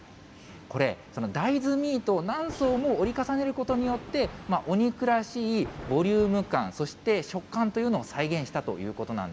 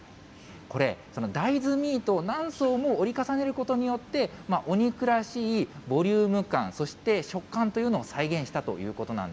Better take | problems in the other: second | background sound (Thunder); 14 dB below the speech

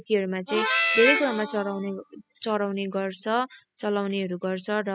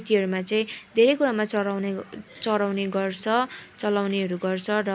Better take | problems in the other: second | noise reduction (classical method spectral subtraction)

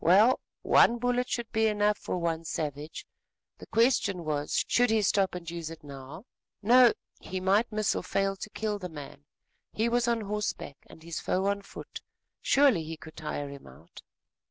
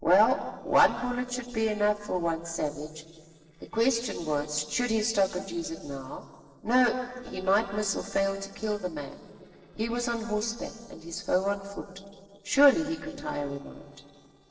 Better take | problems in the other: first | noise reduction (neural separator model SepFormer DNS4)

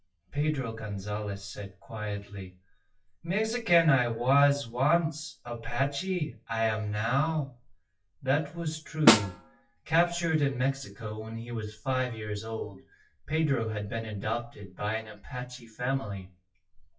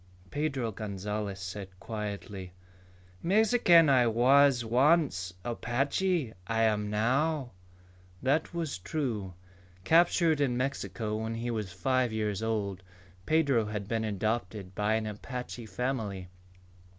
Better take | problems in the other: second | noise reduction (classical method WPE with log-MMSE)

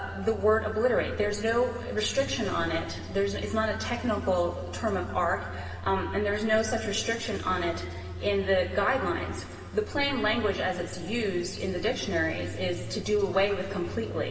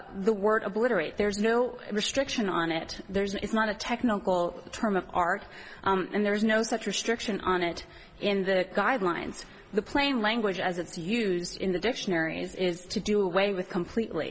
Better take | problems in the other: second | background sound (Idling / Engine starting / Accelerating, revving, vroom / Car); 11 dB below the speech // room echo; dies away in 2.5 s

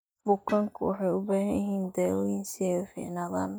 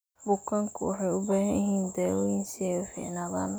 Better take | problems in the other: second | noise reduction (neural mask model DeepFilterNet 3)

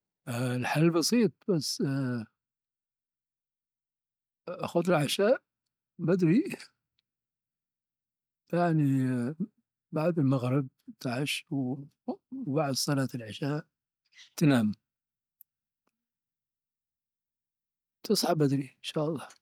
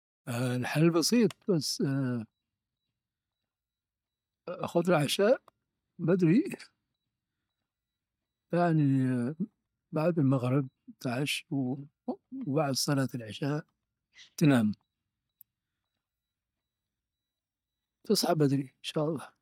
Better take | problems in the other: first | noise reduction (neural mask model DeepFilterNet 3)

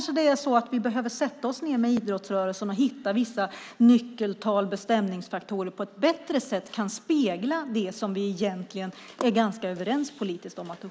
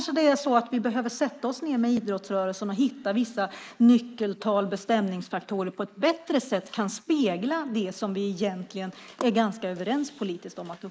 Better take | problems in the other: first | noise reduction (neural mask model Resemble Enhance denoiser)

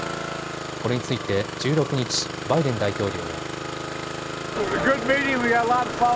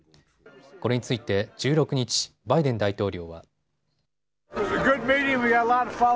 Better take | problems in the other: second | background sound (Engine starting); 6 dB below the speech

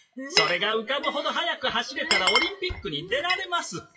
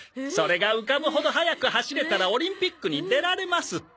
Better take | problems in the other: second | noise reduction (classical method WPE with log-MMSE)

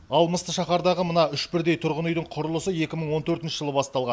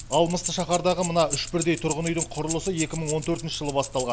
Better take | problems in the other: first | background sound (Keys jangling); 9 dB below the speech

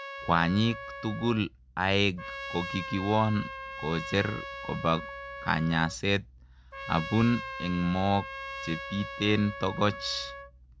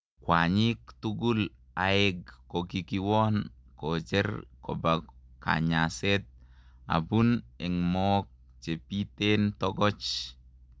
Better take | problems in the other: second | background sound (Trumpet); 11 dB below the speech

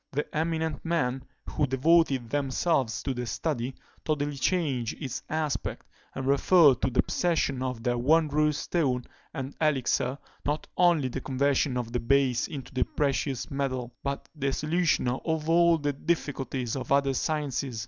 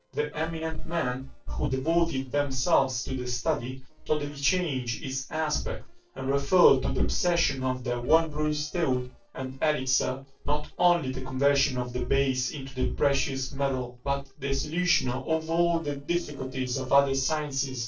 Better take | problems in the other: first | noise reduction (neural separator model SepFormer DNS4)

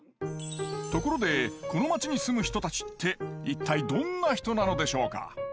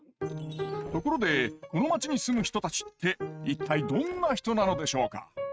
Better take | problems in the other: first | noise reduction (neural mask model RNNoise)

